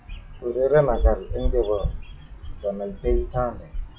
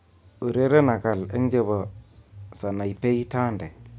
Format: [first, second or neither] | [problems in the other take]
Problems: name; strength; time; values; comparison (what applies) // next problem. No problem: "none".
second | noise reduction (classical method WPE with log-MMSE)